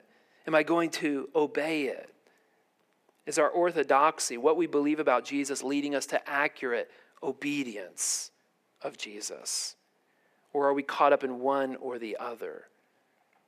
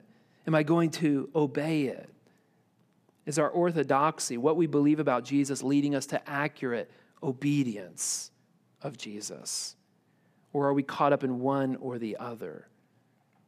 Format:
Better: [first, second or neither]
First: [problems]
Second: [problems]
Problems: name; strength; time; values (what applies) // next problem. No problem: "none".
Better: second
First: thin; somewhat; fading below 450 Hz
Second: none